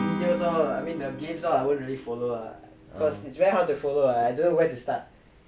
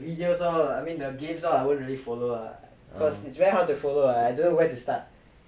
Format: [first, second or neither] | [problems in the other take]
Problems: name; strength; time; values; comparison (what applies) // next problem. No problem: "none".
second | background sound (Acoustic guitar / Strum); 11 dB below the speech